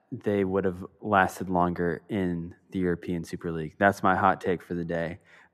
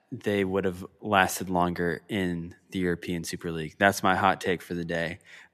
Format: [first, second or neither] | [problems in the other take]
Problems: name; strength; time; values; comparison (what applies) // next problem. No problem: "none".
second | muffled; slightly; fading above 1.5 kHz